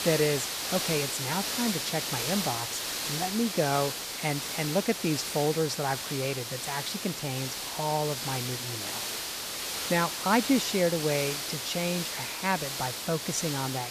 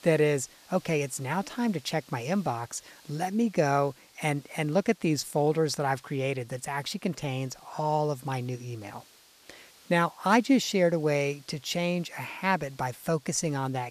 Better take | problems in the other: second | hiss; loud; throughout; 1 dB below the speech; faint in the second

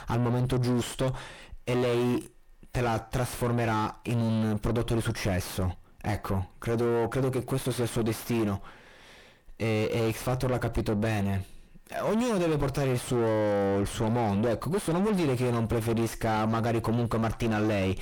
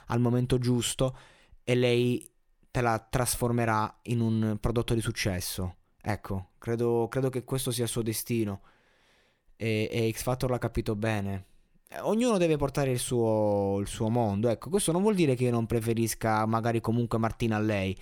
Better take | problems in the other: second | distortion; heavy; 4 dB below the speech

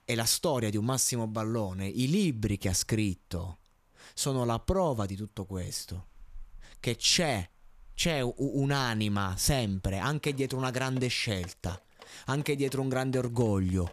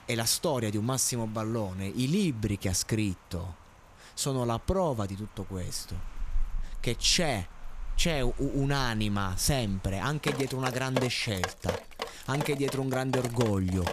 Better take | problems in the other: first | rain or running water; loud; throughout; 9 dB below the speech; faint in the first

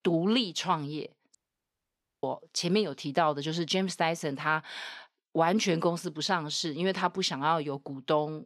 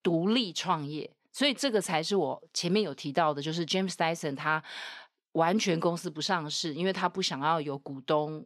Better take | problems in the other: second | audio cutting out; at 1.5 s for 1 s

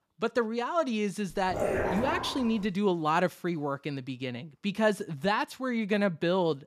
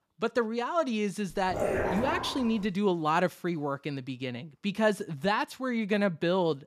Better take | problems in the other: neither | dog barking; loud; from 1.5 to 2.5 s; peak 1 dB above the speech; the same in both

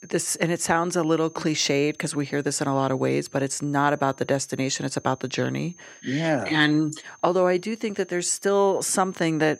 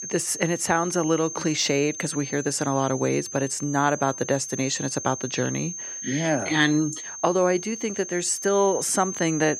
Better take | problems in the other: first | high-pitched whine; loud; throughout; 6.5 kHz, 8 dB below the speech; faint in the first

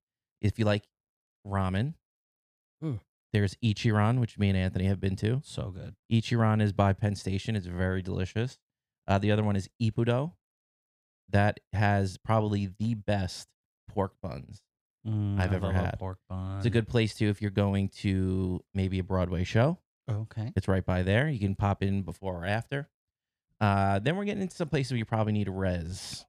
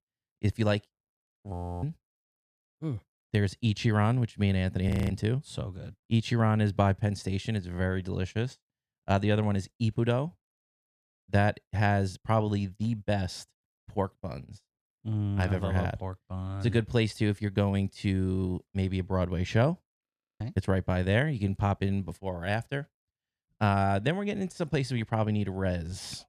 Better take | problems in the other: first | audio freezing; at 1.5 s, at 5 s and at 20 s

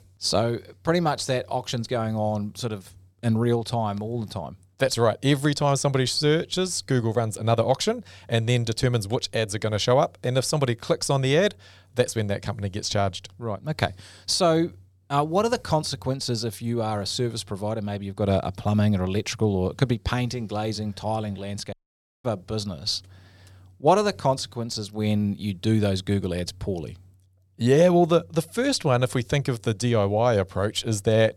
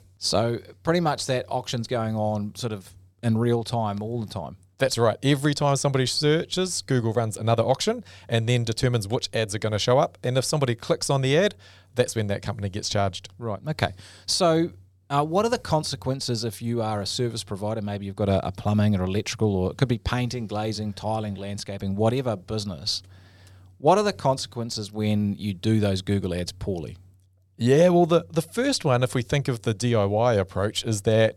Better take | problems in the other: second | audio cutting out; at 22 s for 0.5 s

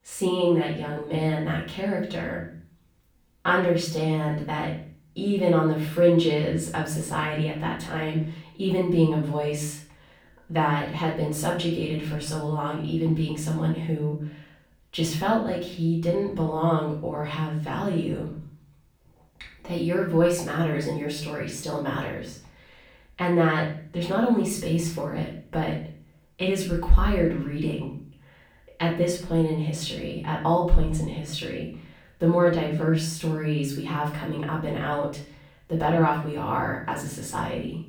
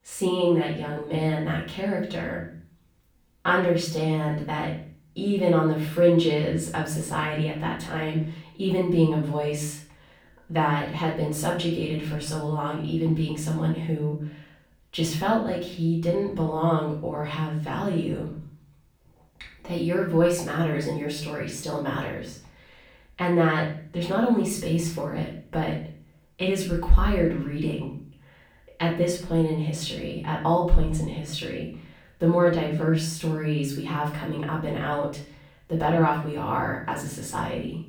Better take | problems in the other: neither | room echo; noticeable; dies away in 0.5 s; the same in both // off-mic speech; far; the same in both

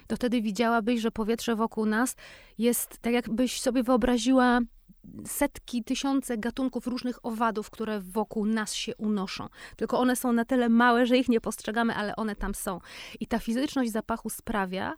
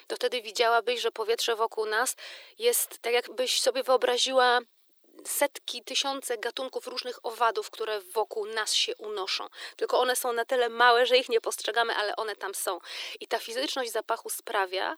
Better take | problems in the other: first | thin; very; fading below 350 Hz

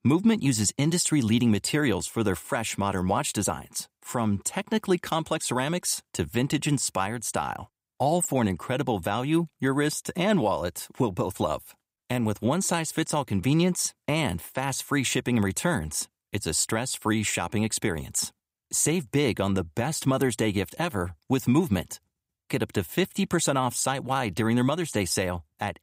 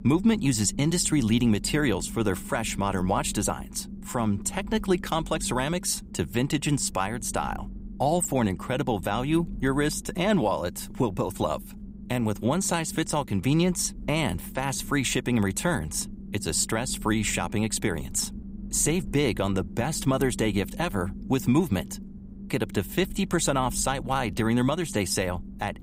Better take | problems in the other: first | low rumble; noticeable; throughout; 20 dB below the speech

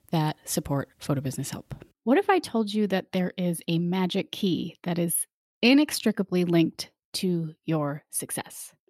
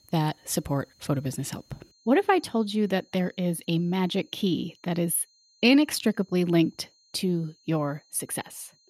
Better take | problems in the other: first | high-pitched whine; faint; throughout; 4 kHz, 35 dB below the speech

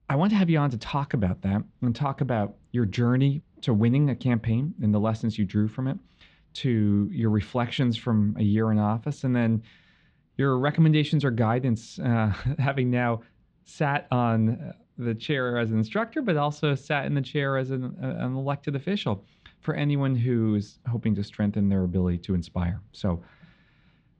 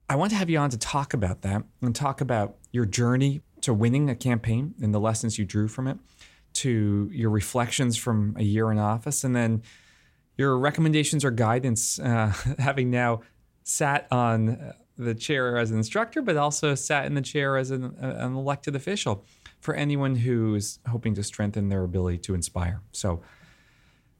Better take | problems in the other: second | muffled; slightly; fading above 4 kHz

